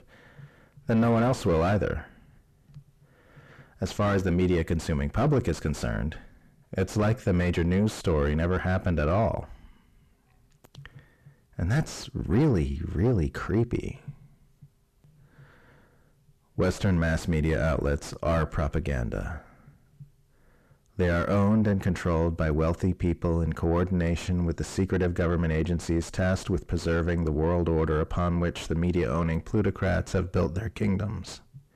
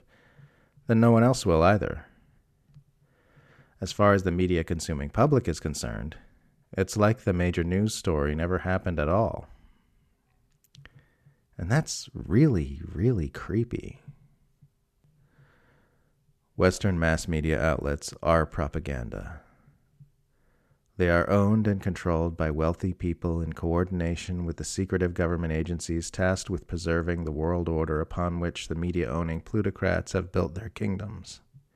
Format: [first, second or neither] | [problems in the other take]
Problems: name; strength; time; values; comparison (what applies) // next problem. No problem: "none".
second | distortion; heavy; 5 dB below the speech